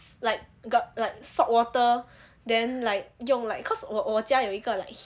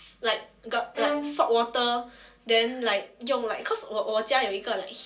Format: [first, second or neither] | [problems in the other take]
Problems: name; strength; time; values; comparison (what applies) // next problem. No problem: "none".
first | background sound (Bowed string instrument); 6 dB below the speech // room echo; dies away in 0.2 s